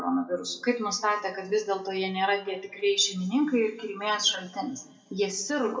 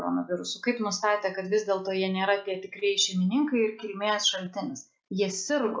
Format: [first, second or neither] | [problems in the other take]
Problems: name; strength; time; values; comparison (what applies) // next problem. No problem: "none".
second | room echo; dies away in 1.4 s